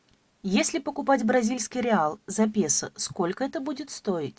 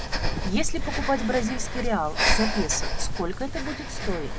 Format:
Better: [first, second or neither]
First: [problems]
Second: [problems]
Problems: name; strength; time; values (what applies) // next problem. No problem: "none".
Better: first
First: none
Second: background sound (Breathing); 3 dB above the speech